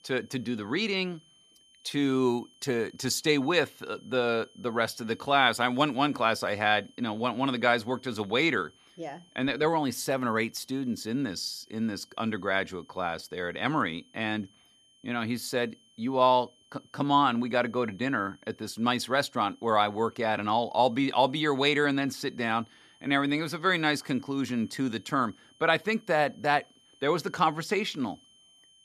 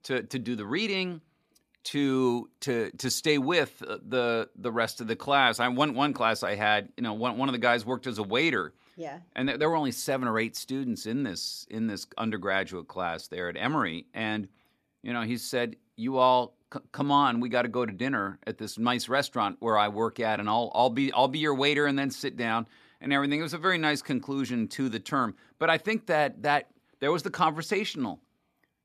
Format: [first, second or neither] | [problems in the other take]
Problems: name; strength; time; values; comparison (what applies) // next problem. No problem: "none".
second | high-pitched whine; faint; throughout; 3 kHz, 30 dB below the speech